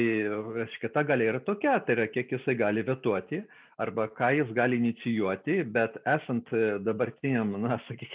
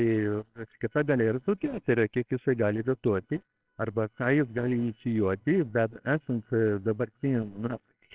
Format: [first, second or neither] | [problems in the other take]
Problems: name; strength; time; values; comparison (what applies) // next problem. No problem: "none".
first | noise reduction (neural separator model SepFormer WHAMR!)